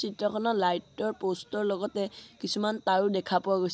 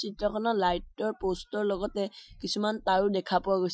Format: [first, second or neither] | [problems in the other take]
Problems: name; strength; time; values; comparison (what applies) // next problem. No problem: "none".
first | noise reduction (classical method Wiener filter)